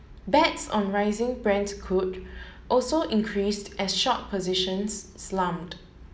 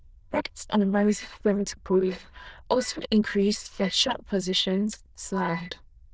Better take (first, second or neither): first